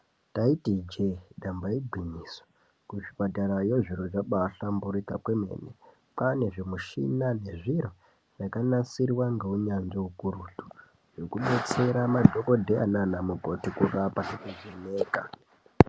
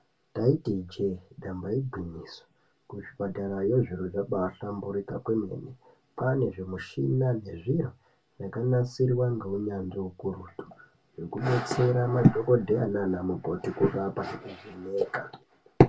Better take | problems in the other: first | room echo; dies away in 0.1 s

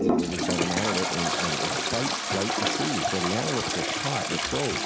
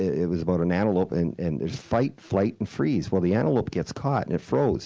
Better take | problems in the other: second | background sound (Toilet flush); 4 dB above the speech

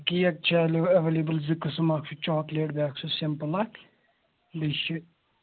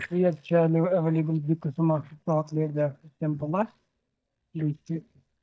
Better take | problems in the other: first | noise reduction (neural mask model DeepFilterNet 3)

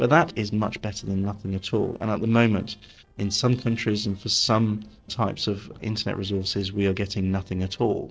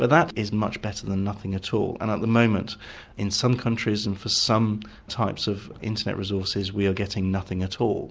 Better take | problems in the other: second | noise reduction (neural separator model SepFormer DNS4)

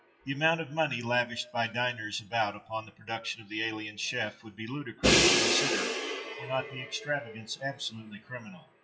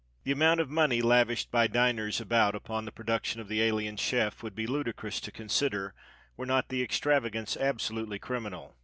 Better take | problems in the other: second | noise reduction (classical method WPE with log-MMSE)

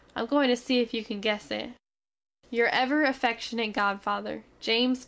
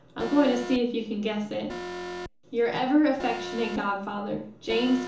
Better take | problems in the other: first | background sound (Alarm); 12 dB below the speech // room echo; dies away in 0.7 s

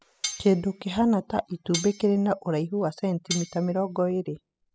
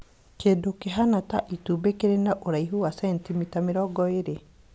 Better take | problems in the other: second | noise reduction (classical method spectral subtraction)

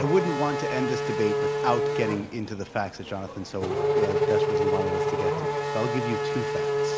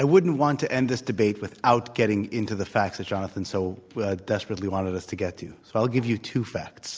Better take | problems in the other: second | background sound (Race car, auto racing / Accelerating, revving, vroom); 3 dB above the speech

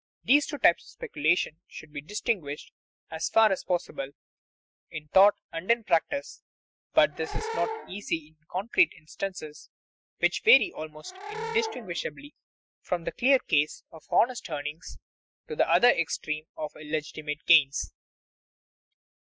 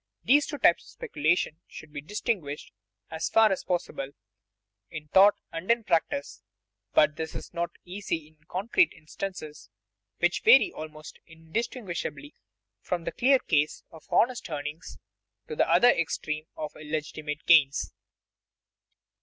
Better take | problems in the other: second | noise reduction (classical method Wiener filter)

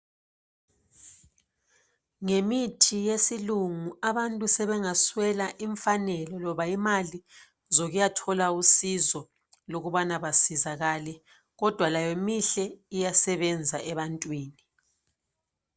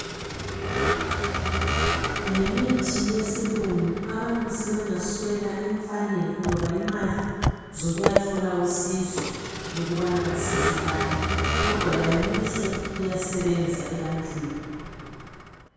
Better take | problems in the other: first | background sound (Vehicle); 2 dB below the speech // room echo; dies away in 2 s

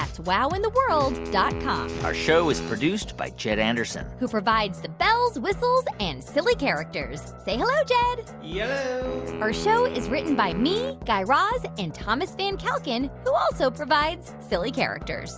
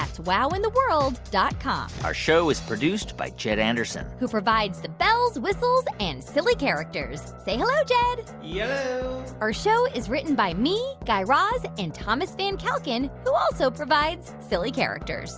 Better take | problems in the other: second | background sound (Wind instrument, woodwind instrument); 11 dB below the speech

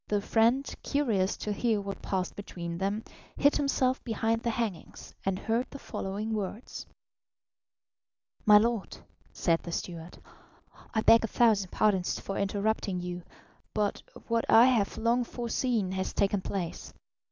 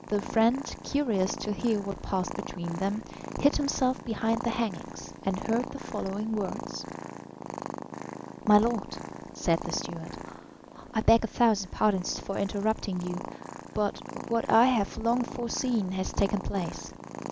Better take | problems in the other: first | background sound (Purr); 11 dB below the speech

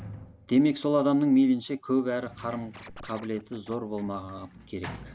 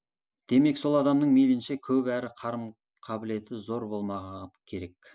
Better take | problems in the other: second | background sound (Scratching (performance technique) + Sliding door); 19 dB below the speech

